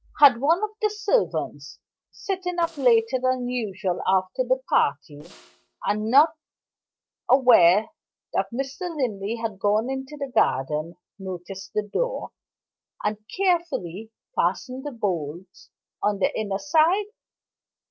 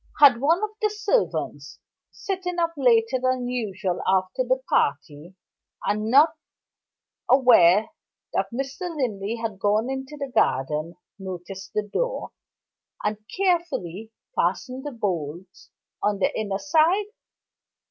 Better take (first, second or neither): second